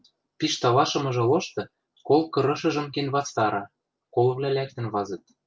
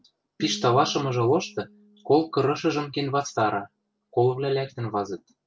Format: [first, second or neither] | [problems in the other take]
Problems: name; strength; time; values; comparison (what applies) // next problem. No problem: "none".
first | background sound (Piano); 20 dB below the speech